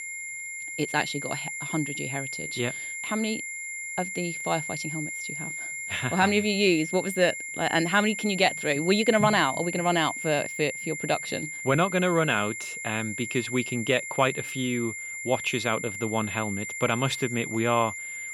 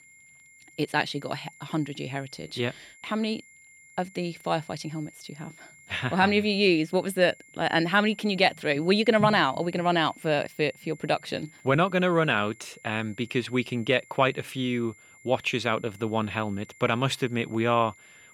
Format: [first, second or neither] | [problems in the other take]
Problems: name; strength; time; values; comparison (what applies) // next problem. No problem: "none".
second | high-pitched whine; loud; throughout; 2 kHz, 6 dB below the speech; faint in the second